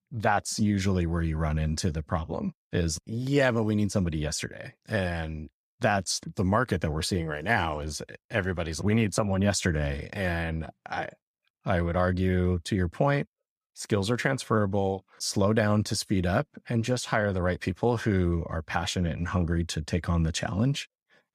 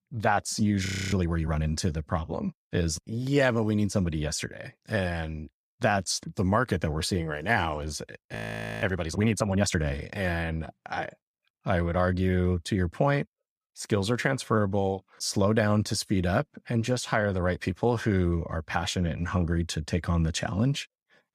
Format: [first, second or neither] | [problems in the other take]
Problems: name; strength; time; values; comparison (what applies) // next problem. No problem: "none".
first | audio freezing; at 1 s and at 8.5 s